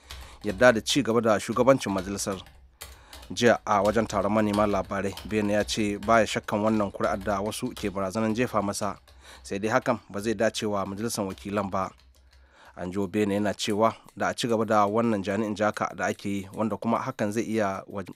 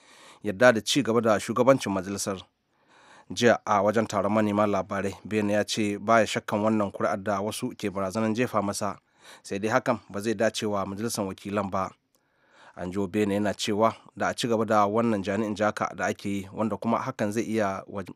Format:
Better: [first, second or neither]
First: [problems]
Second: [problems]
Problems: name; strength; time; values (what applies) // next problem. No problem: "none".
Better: second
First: household noises; faint; throughout; 20 dB below the speech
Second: none